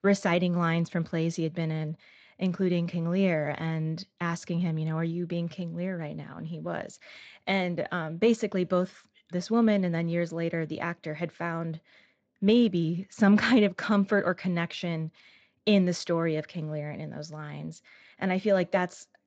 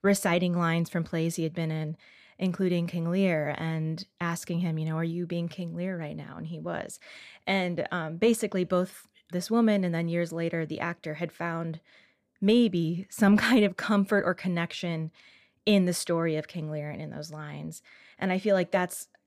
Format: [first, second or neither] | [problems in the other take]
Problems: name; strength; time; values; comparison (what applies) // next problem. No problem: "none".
second | garbled, watery; slightly; nothing above 7.5 kHz